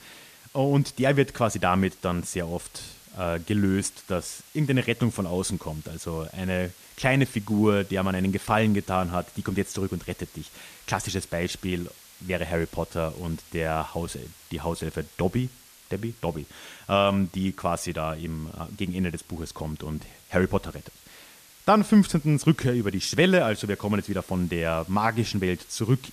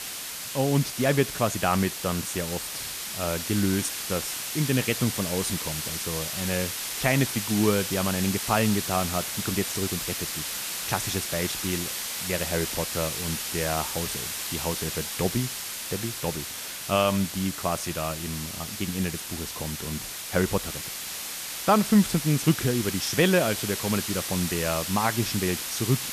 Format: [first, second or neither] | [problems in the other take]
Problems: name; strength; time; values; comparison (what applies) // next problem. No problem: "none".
first | hiss; loud; throughout; 3 dB below the speech; faint in the first